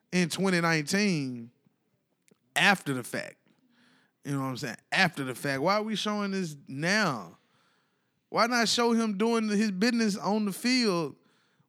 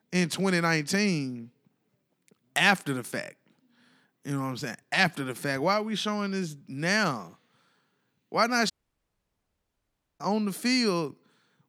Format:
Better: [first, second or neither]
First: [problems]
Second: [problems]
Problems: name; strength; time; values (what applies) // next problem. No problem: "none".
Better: first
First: none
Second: audio cutting out; at 8.5 s for 1.5 s